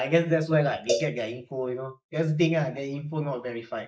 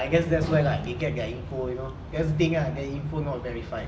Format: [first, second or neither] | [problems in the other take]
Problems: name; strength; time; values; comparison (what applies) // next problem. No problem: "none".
second | noise reduction (neural mask model Resemble Enhance denoiser)